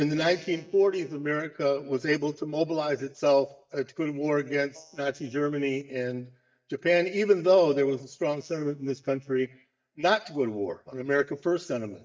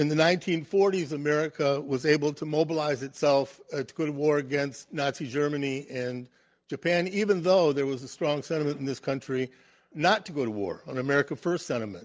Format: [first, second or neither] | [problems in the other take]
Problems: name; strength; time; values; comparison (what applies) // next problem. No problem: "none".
second | noise reduction (neural mask model DeepFilterNet 3)